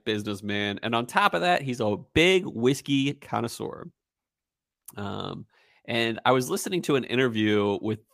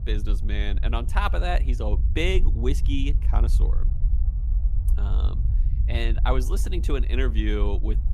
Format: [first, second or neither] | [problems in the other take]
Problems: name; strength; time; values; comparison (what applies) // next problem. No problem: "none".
first | low rumble; noticeable; throughout; 15 dB below the speech